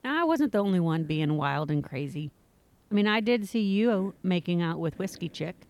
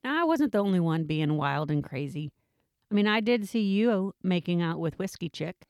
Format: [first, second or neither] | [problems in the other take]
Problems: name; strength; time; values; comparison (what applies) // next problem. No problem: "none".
second | hiss; faint; throughout; 30 dB below the speech